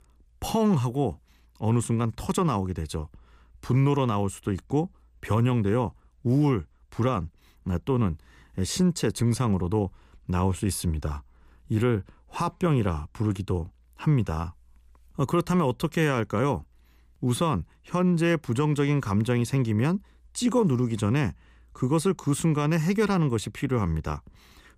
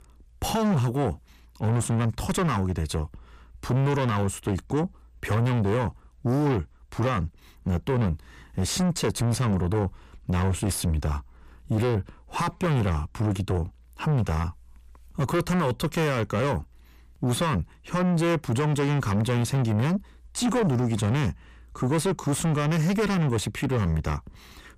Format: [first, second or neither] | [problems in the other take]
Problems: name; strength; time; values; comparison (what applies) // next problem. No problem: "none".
first | distortion; heavy; 7 dB below the speech